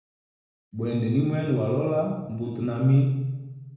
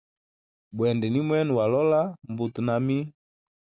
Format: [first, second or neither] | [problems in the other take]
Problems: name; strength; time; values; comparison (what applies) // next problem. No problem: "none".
second | room echo; dies away in 1 s